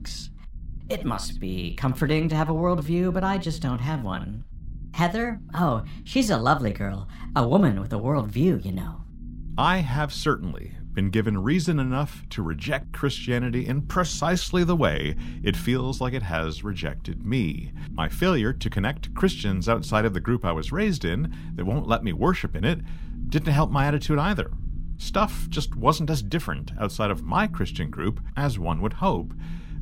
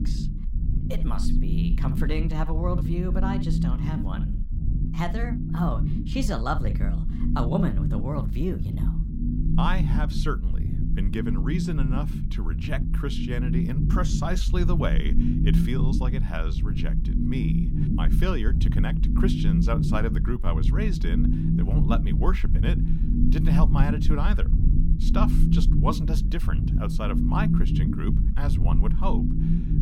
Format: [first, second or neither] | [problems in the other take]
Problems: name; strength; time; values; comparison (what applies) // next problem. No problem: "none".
first | low rumble; loud; throughout; 3 dB below the speech; faint in the first